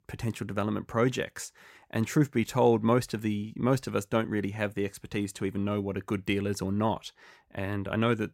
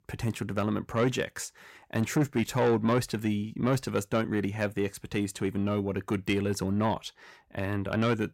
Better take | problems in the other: first | distortion; slight; 10 dB below the speech

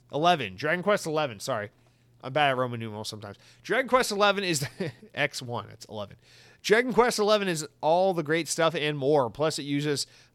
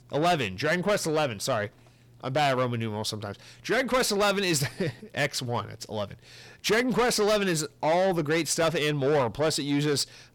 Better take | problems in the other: first | distortion; heavy; 8 dB below the speech

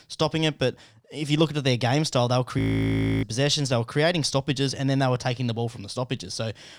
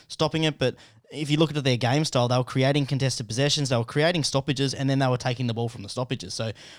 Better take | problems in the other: second | audio freezing; at 2.5 s for 0.5 s

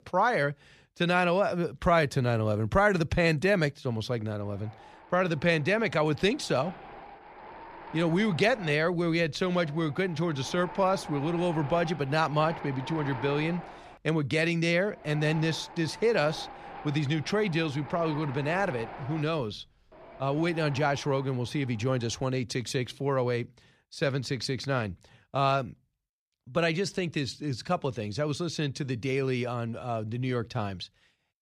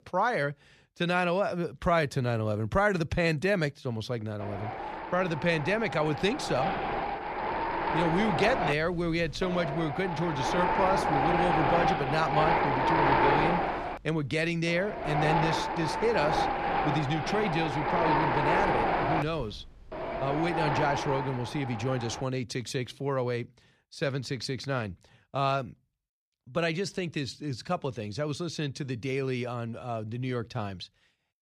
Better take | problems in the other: first | wind noise on the microphone; heavy; from 4.5 to 22 s; 3 dB above the speech; occasional gusts in the first

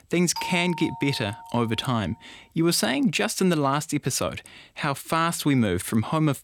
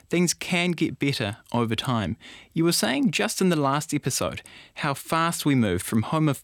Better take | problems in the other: second | doorbell; noticeable; until 2 s; peak 9 dB below the speech

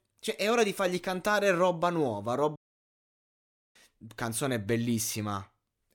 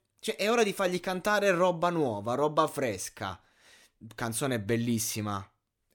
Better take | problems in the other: second | audio cutting out; at 2.5 s for 1 s

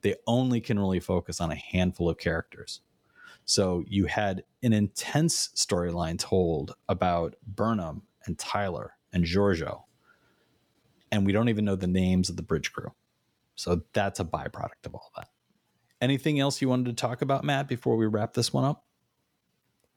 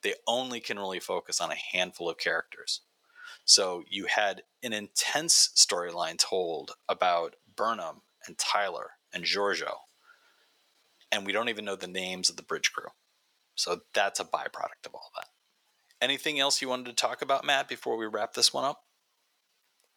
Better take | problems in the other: first | thin; very; fading below 650 Hz

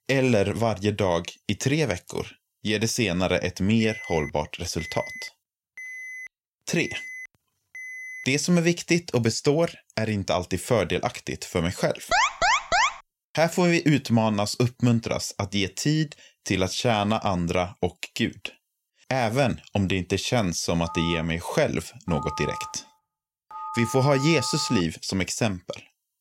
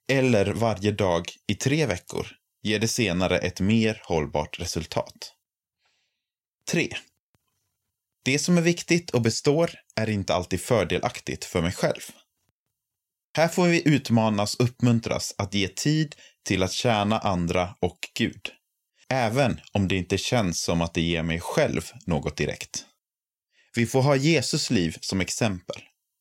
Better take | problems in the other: second | alarm; faint; from 4 to 8.5 s; peak 10 dB below the speech // alarm; loud; at 12 s; peak 5 dB above the speech // phone ringing; noticeable; from 21 to 25 s; peak 9 dB below the speech

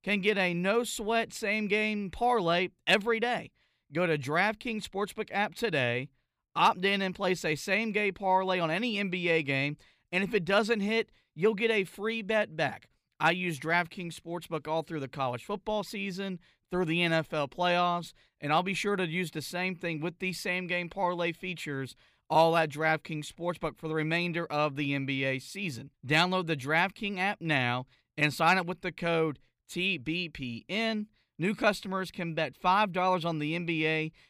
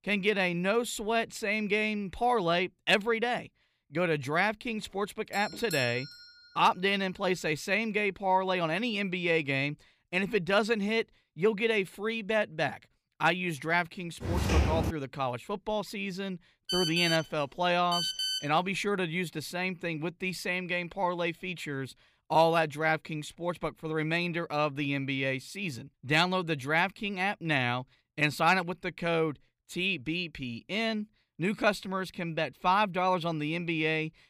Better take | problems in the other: first | doorbell; noticeable; at 5.5 s; peak 8 dB below the speech // footsteps; loud; at 14 s; peak 2 dB above the speech // phone ringing; loud; from 17 to 18 s; peak 1 dB above the speech

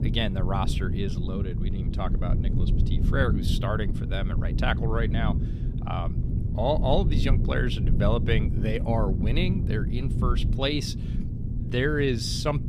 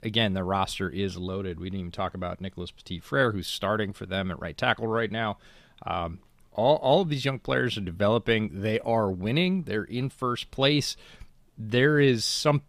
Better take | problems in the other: second | low rumble; loud; throughout; 9 dB below the speech

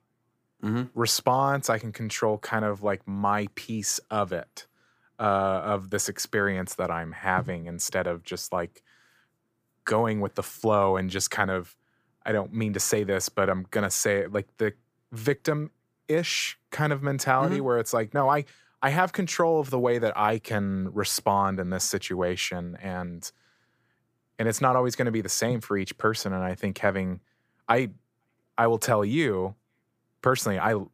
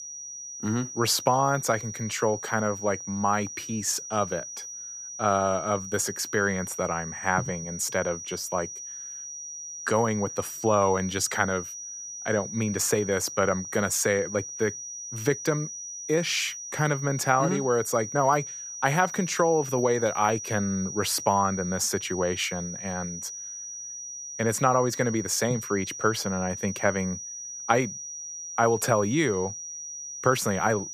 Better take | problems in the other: first | high-pitched whine; loud; throughout; 6 kHz, 9 dB below the speech

